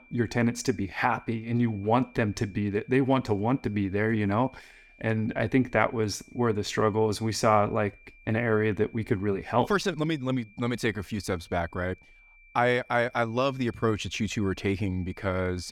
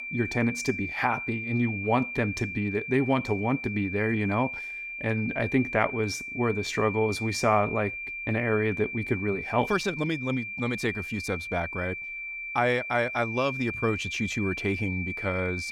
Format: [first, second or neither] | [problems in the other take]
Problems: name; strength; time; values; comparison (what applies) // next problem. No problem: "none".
first | high-pitched whine; loud; throughout; 2.5 kHz, 5 dB below the speech; faint in the first